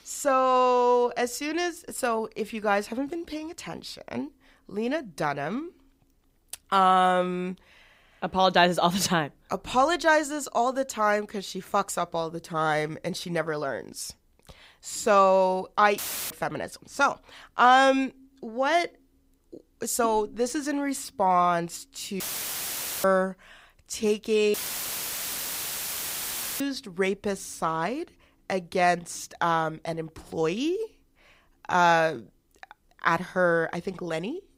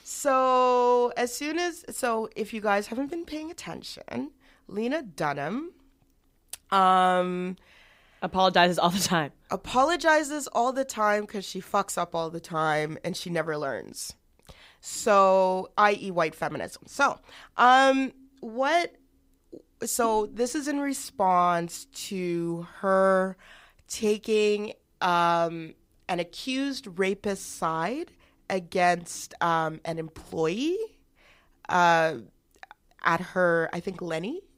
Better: second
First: audio cutting out; filled with static; at 16 s, at 22 s for 1 s and at 25 s for 2 s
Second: none

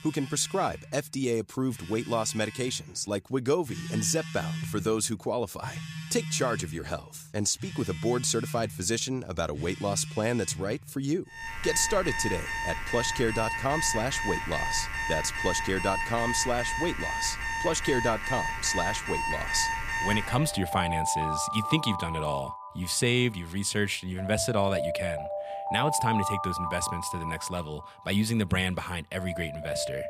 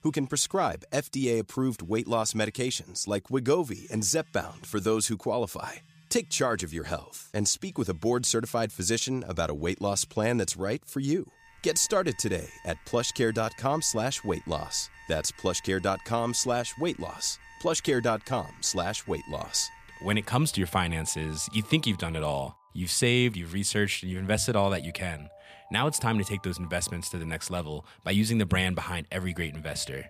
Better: second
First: alarms or sirens; loud; throughout; 3 dB below the speech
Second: alarms or sirens; faint; throughout; 25 dB below the speech

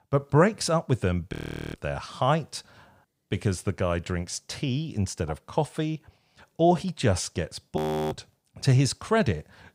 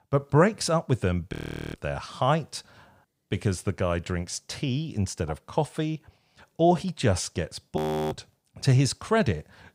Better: neither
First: audio freezing; at 1.5 s and at 8 s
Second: audio freezing; at 1.5 s and at 8 s

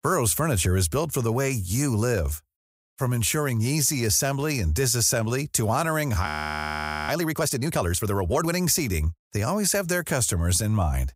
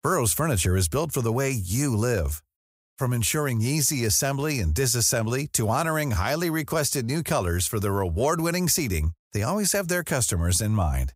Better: second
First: audio freezing; at 6.5 s for 1 s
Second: none

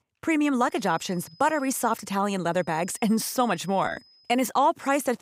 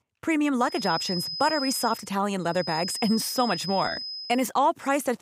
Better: first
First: high-pitched whine; faint; from 1 to 2 s and from 2.5 to 4.5 s; 5 kHz, 30 dB below the speech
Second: high-pitched whine; loud; from 1 to 2 s and from 2.5 to 4.5 s; 5 kHz, 6 dB below the speech

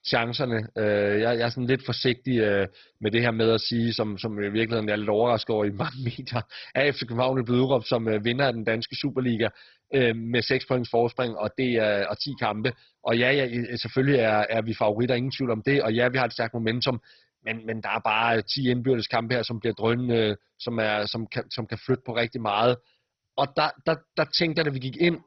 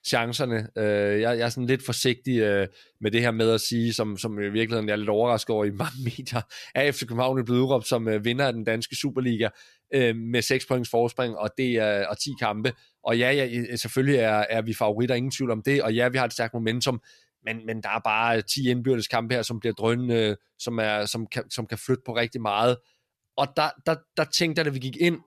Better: second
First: garbled, watery; badly; nothing above 5.5 kHz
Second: none

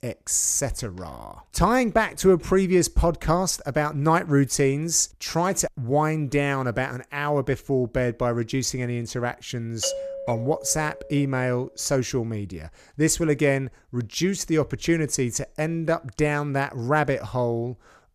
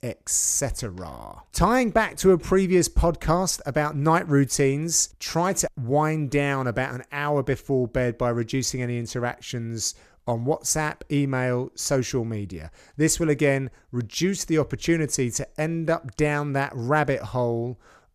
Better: second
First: doorbell; noticeable; from 10 to 11 s; peak 7 dB below the speech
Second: none

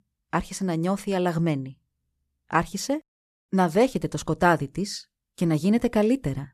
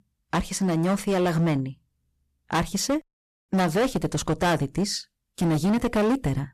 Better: first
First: none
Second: distortion; heavy; 15% of the sound clipped

